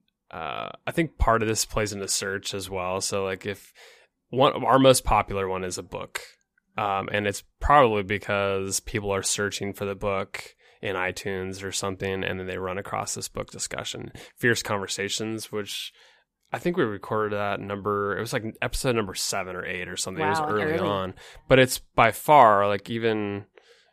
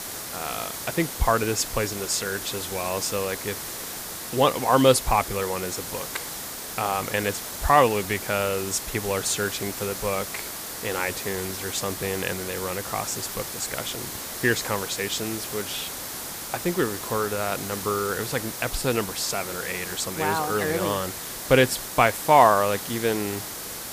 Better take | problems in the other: first | hiss; loud; throughout; 7 dB below the speech

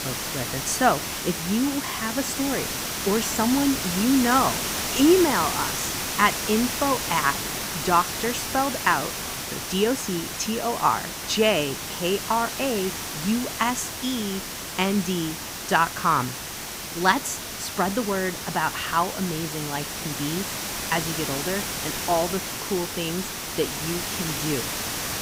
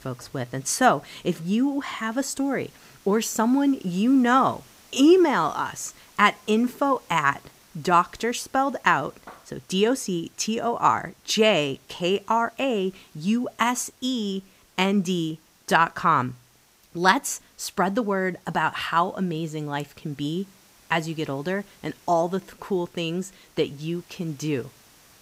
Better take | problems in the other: second | hiss; loud; throughout; 3 dB below the speech; faint in the second

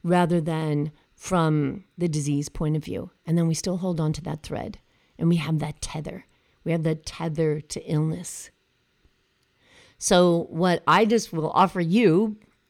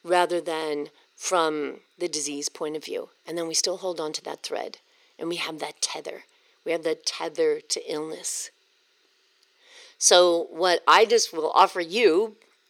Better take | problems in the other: first | thin; very; fading below 400 Hz

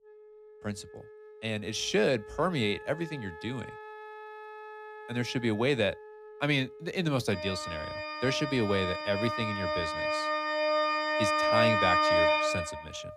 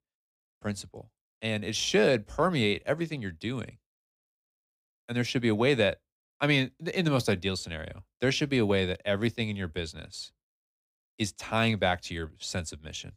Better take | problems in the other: second | background music; very loud; throughout; 3 dB above the speech

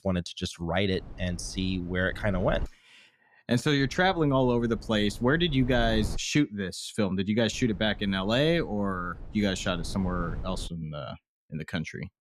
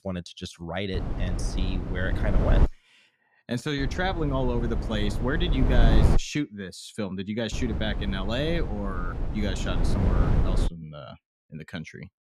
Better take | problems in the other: first | low rumble; loud; from 1 to 2.5 s, from 4 to 6 s and from 7.5 to 11 s; 5 dB below the speech; faint in the first

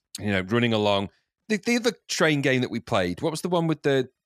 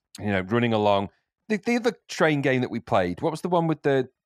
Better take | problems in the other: first | muffled; slightly; fading above 3 kHz

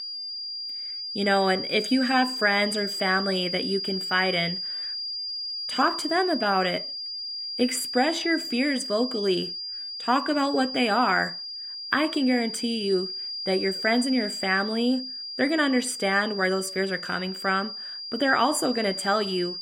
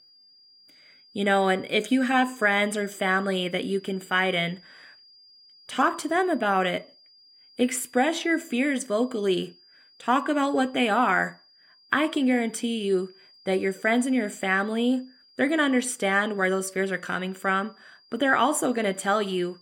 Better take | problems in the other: second | high-pitched whine; loud; throughout; 5 kHz, 6 dB below the speech; faint in the second

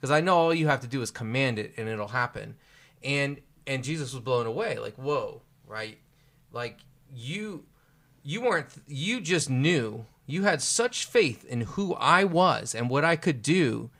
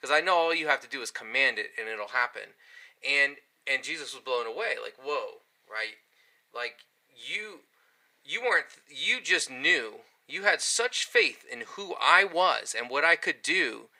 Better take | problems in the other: first | thin; very; fading below 450 Hz

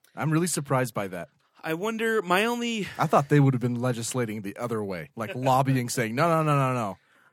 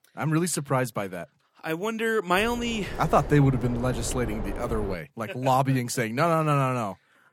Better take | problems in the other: first | wind noise on the microphone; faint; from 2.5 to 5 s; 15 dB below the speech

